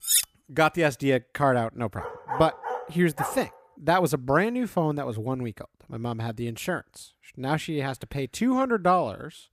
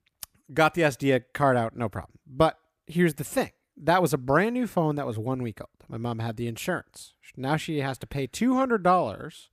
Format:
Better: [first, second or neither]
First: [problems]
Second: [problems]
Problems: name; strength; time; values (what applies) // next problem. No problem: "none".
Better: second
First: clattering dishes; loud; at the start; peak 4 dB above the speech // dog barking; noticeable; from 2 to 3.5 s; peak 6 dB below the speech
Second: none